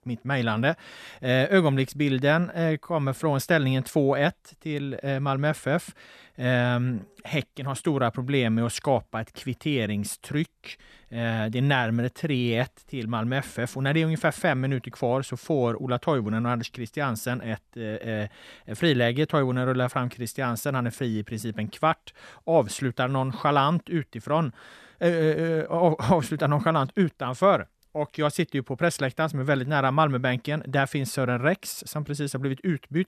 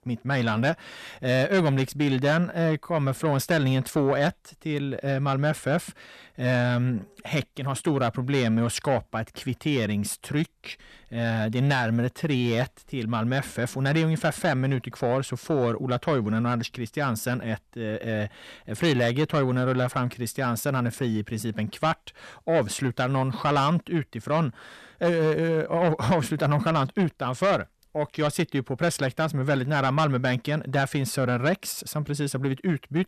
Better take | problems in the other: first | distortion; slight; 10 dB below the speech

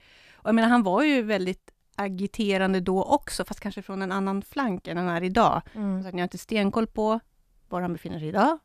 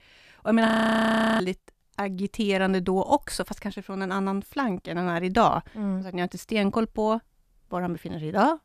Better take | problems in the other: first | audio freezing; at 0.5 s for 0.5 s

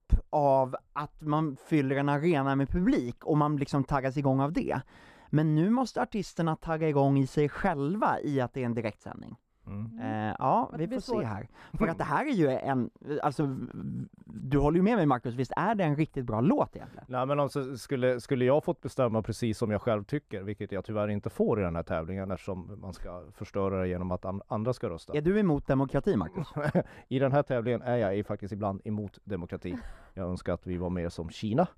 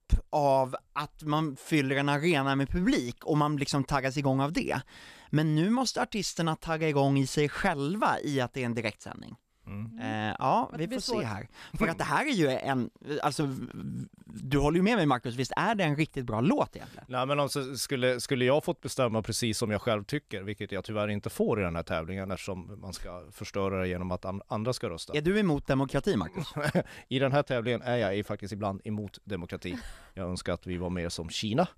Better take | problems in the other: second | muffled; slightly; fading above 2 kHz

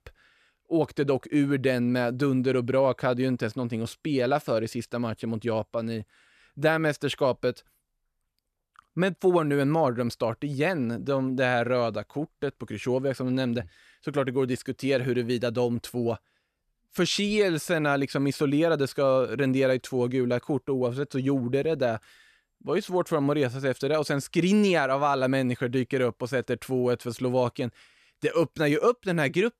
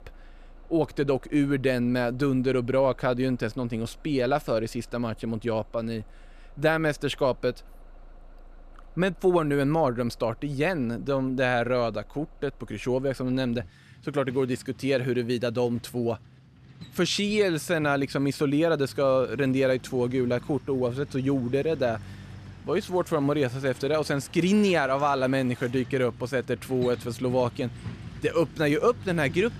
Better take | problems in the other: first | traffic noise; faint; throughout; 20 dB below the speech

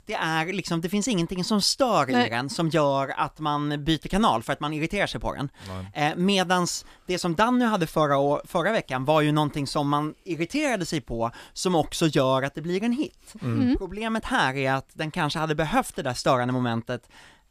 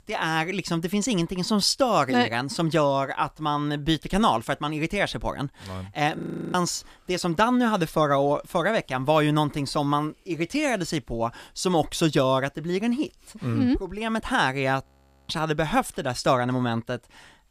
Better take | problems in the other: first | audio freezing; at 6 s and at 15 s

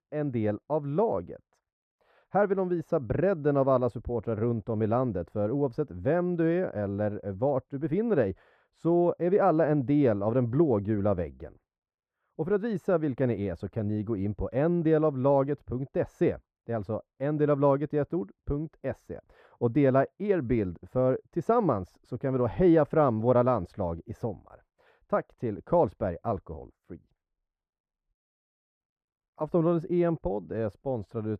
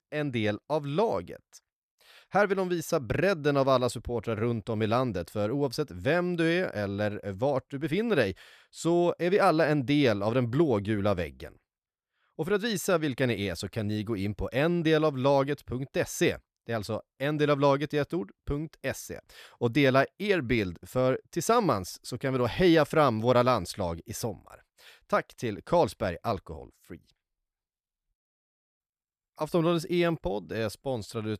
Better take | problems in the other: second | muffled; very; fading above 2 kHz

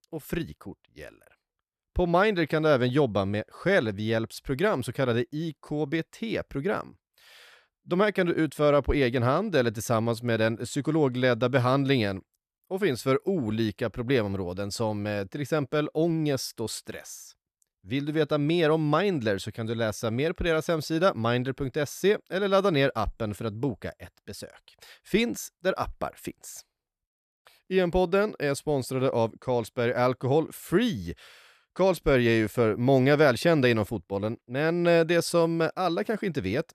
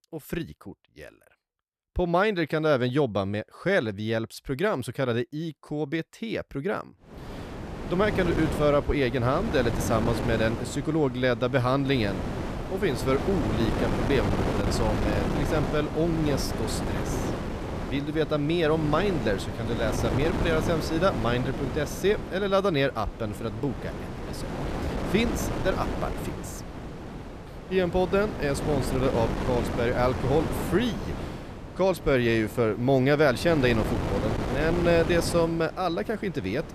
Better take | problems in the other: first | wind noise on the microphone; heavy; from 7 s on; 7 dB below the speech

